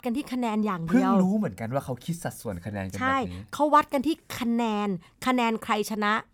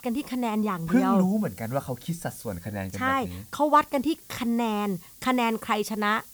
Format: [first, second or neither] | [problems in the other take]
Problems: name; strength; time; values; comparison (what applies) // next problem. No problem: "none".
first | hiss; faint; throughout; 20 dB below the speech